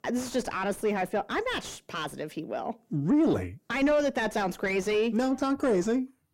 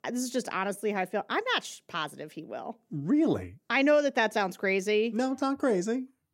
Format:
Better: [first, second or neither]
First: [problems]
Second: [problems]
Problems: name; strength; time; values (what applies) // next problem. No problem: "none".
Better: second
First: distortion; heavy; 8 dB below the speech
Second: none